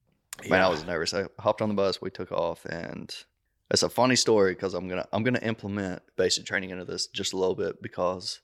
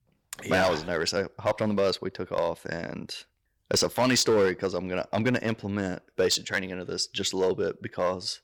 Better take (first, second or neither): first